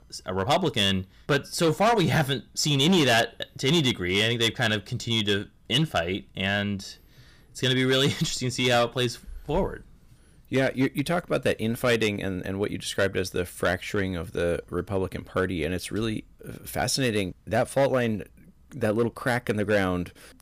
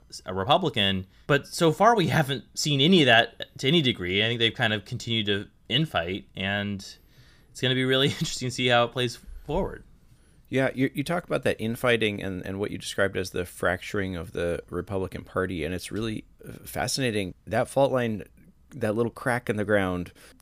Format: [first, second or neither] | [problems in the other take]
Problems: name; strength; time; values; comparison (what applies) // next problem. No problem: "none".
second | distortion; slight; 5% of the sound clipped